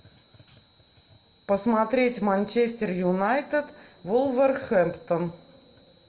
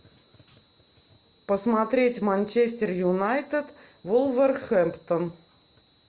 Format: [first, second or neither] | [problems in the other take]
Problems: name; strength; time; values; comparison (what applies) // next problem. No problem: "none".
second | room echo; dies away in 0.8 s